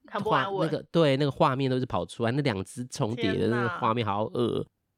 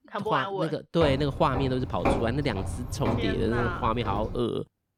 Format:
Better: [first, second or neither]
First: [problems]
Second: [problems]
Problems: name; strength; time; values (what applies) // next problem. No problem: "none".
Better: first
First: none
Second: footsteps; loud; from 1 to 4.5 s; peak 1 dB above the speech